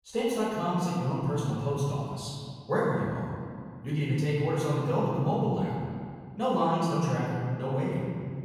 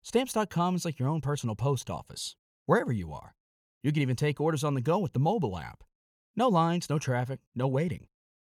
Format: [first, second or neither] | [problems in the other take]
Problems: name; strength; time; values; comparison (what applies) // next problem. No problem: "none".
second | off-mic speech; far // room echo; strong; dies away in 2.1 s